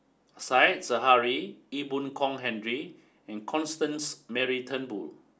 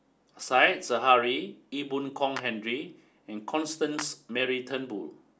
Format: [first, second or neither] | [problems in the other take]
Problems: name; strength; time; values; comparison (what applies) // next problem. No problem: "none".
first | background sound (Clapping); 18 dB below the speech